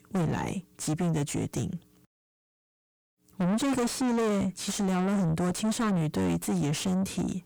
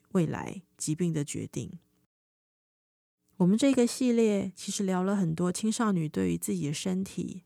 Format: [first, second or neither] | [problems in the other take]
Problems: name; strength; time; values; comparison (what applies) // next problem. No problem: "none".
second | distortion; heavy; 5 dB below the speech